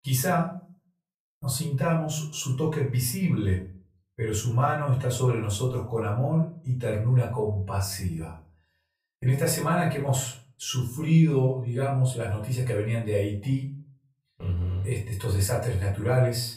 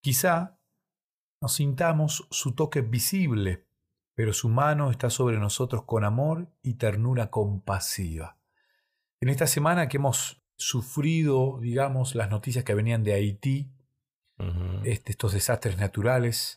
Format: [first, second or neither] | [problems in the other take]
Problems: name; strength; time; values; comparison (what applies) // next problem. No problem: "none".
second | off-mic speech; far // room echo; slight; dies away in 0.3 s